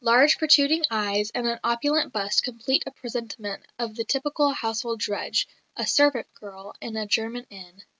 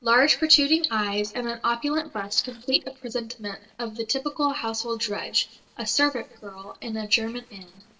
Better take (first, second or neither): first